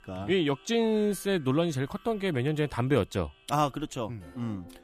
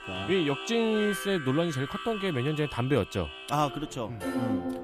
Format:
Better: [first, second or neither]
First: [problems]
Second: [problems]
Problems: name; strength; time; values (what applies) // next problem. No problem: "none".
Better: first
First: background music; faint; throughout; 25 dB below the speech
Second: background music; loud; throughout; 7 dB below the speech